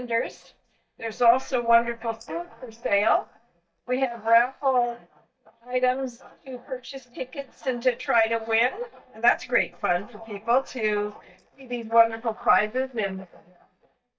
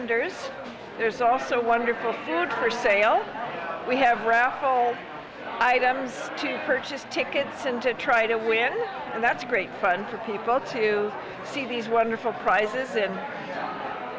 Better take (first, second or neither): second